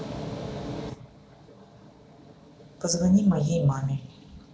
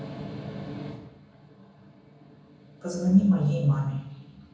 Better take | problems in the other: first | room echo; dies away in 0.9 s

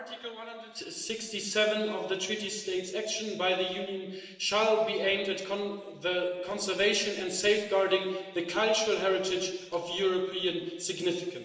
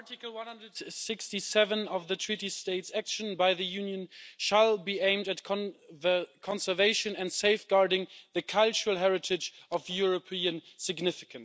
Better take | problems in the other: second | room echo; dies away in 1.3 s

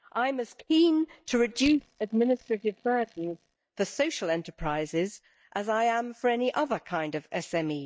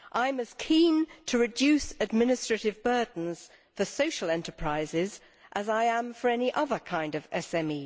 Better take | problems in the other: second | noise reduction (neural mask model DeepFilterNet 3)

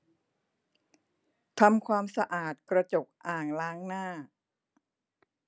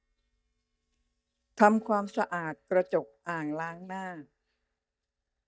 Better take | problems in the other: first | noise reduction (neural mask model DeepFilterNet 3)

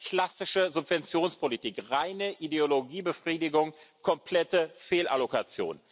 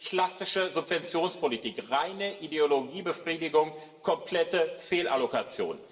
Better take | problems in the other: first | room echo; dies away in 2.2 s

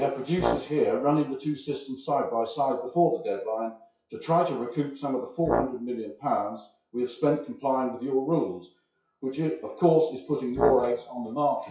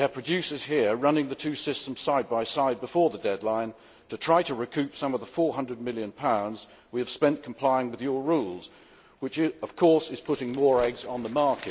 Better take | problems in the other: second | noise reduction (classical method WPE with log-MMSE)

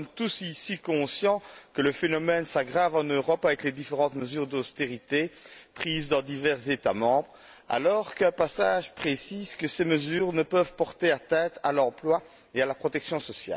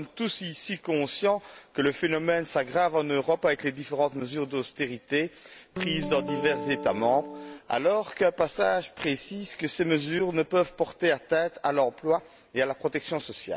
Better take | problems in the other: first | background sound (Guitar); 7 dB below the speech

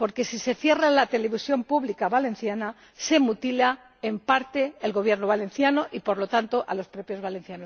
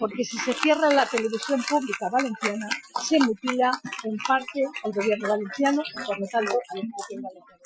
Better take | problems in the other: first | noise reduction (classical method Wiener filter)

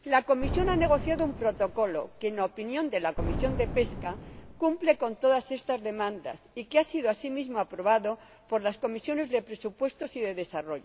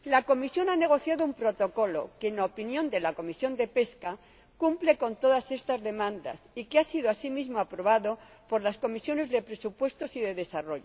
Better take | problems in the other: second | background sound (Boom); 6 dB below the speech

